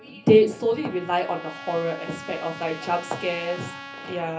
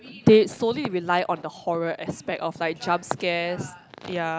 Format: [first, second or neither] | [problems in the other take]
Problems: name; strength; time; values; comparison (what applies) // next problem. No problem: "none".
second | background sound (Trumpet); 15 dB below the speech // room echo; dies away in 0.3 s